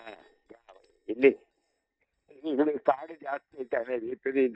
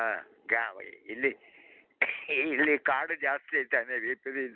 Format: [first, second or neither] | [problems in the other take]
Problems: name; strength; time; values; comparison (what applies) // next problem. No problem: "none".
second | noise reduction (neural mask model DeepFilterNet 3)